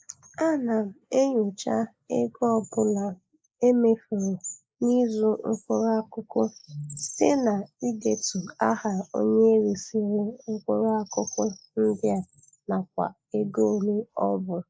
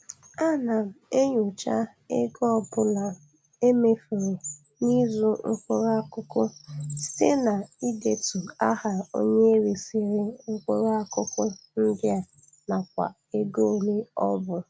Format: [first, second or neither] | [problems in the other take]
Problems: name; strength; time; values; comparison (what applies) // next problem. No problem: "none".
second | noise reduction (neural mask model Resemble Enhance denoiser)